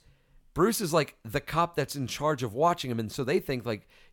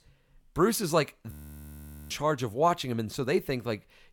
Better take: first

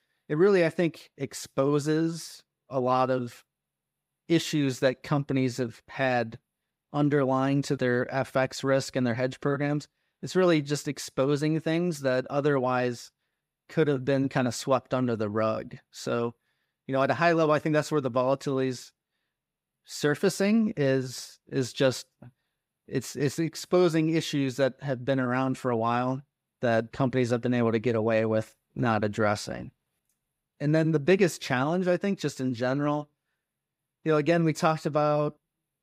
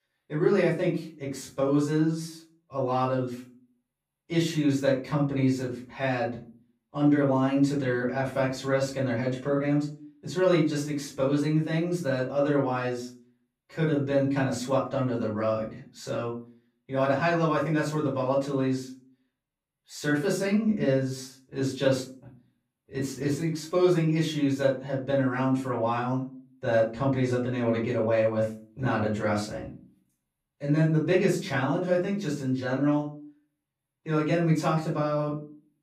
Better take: first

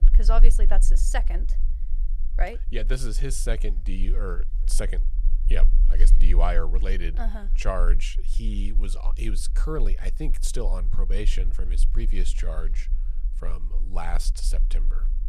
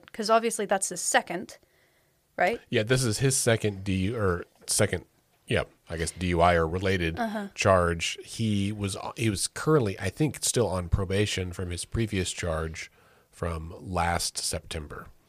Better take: second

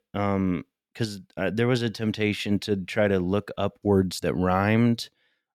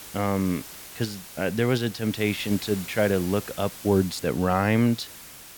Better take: first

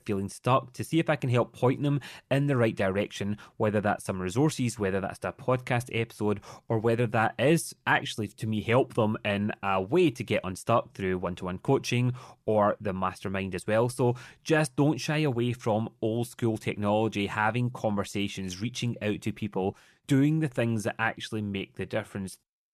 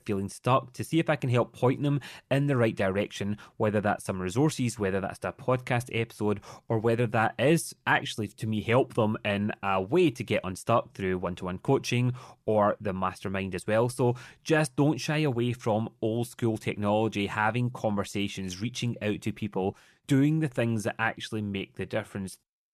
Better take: neither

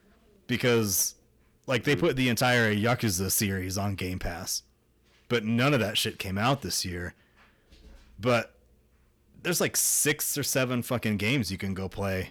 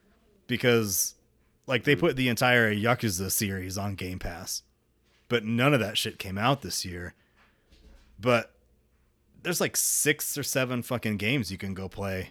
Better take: second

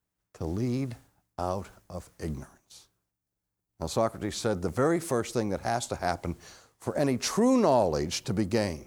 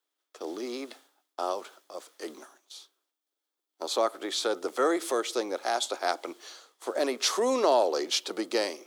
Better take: first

